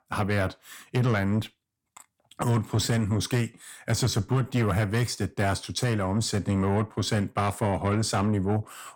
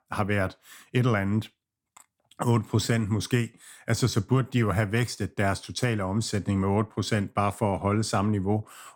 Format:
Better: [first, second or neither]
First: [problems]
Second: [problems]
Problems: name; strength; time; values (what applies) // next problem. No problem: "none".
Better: second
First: distortion; slight; 10 dB below the speech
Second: none